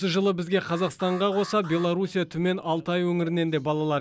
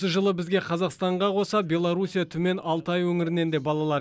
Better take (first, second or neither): second